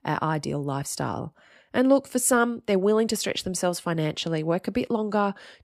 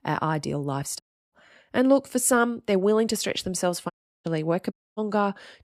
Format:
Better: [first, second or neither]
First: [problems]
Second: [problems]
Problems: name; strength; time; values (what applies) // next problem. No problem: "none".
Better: first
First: none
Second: audio cutting out; at 1 s, at 4 s and at 4.5 s